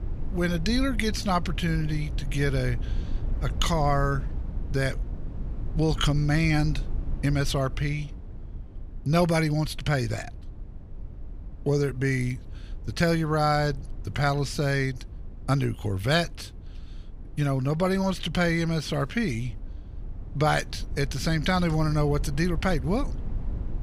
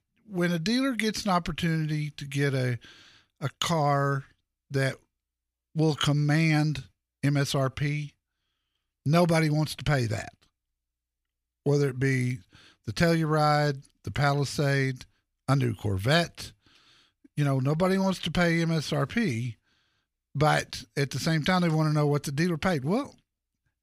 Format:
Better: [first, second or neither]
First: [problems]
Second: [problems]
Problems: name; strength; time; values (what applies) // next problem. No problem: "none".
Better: second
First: low rumble; faint; throughout; 20 dB below the speech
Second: none